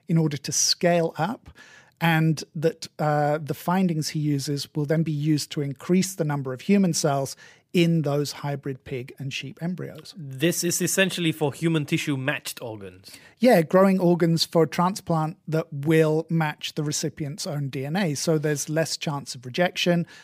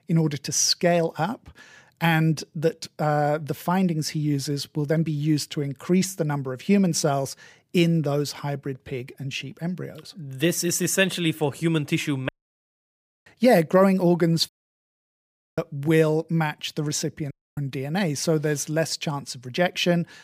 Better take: first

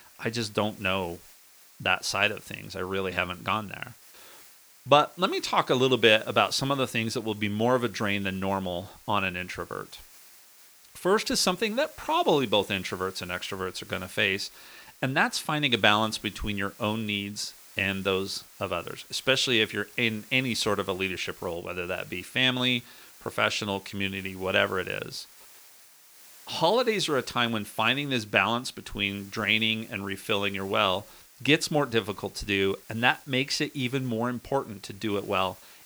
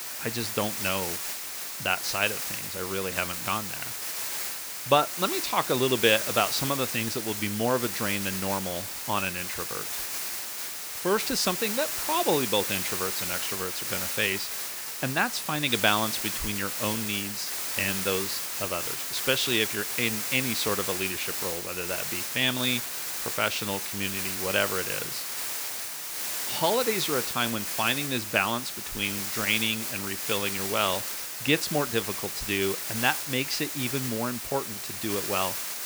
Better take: first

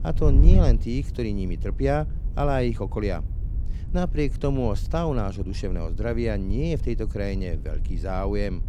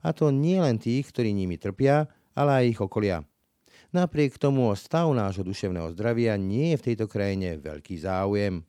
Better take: second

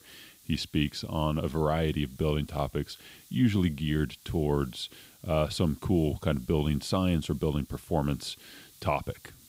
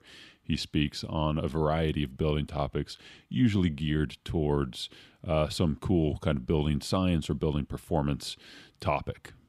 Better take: second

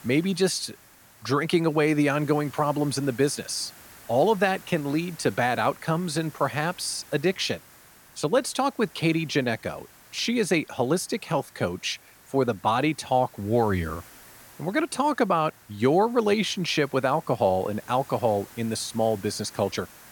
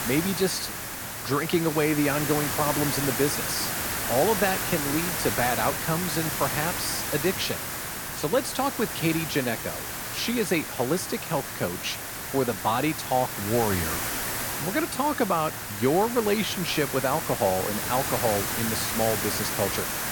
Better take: first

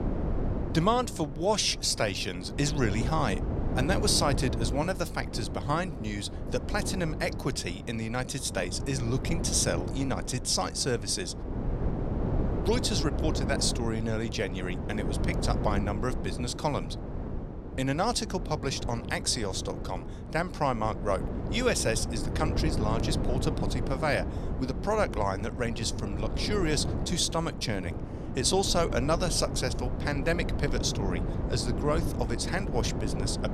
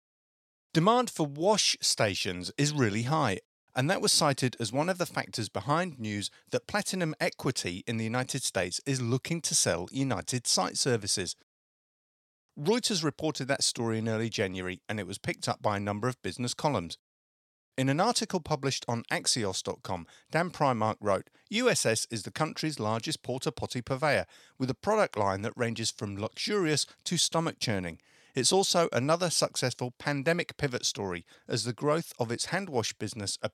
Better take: second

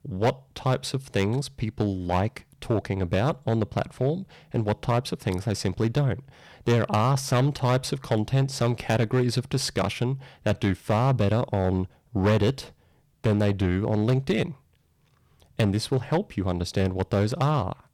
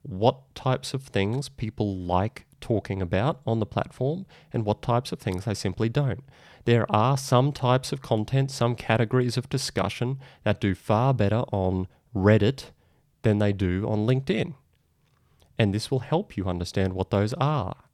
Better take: second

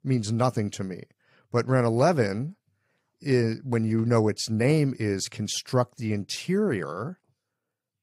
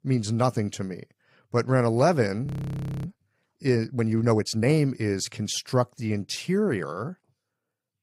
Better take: first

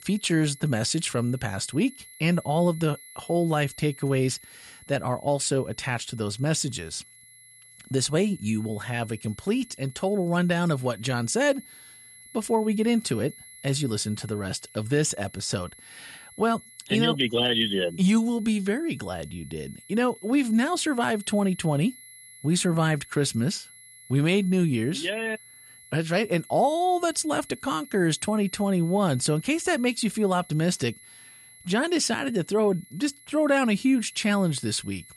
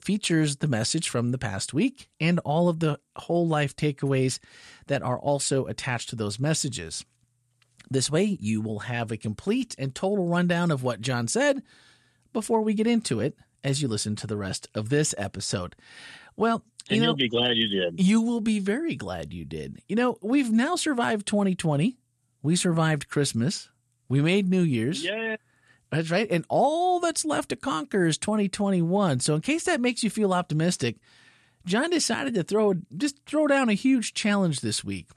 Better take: second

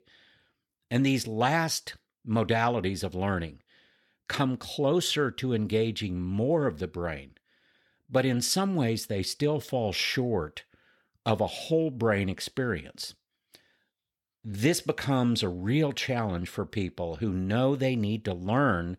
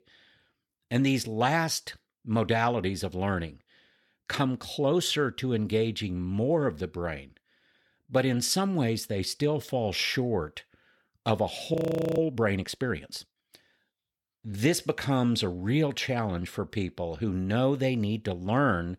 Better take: first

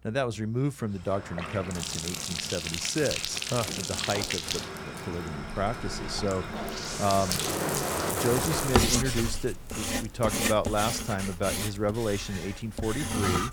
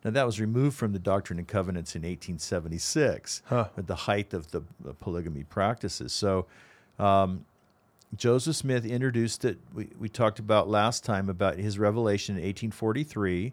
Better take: second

